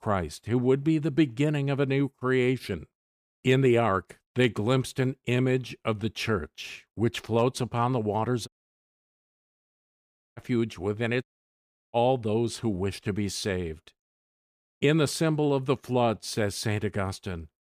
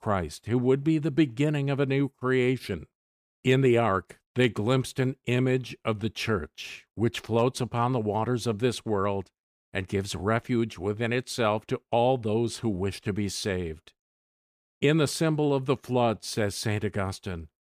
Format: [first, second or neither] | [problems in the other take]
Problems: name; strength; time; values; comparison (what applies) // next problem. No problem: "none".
second | audio cutting out; at 8.5 s for 2 s and at 11 s for 0.5 s